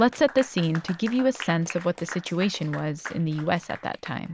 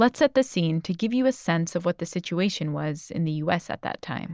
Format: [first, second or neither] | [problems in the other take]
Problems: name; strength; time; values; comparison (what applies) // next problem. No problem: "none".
second | background sound (Applause / Clapping); 15 dB below the speech